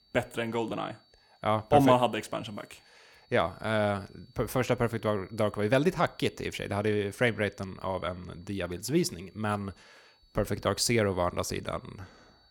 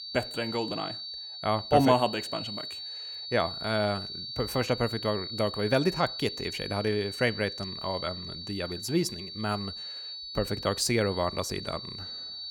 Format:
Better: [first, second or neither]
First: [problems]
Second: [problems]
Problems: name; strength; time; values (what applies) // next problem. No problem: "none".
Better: first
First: high-pitched whine; faint; throughout; 4.5 kHz, 35 dB below the speech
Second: high-pitched whine; loud; throughout; 4.5 kHz, 7 dB below the speech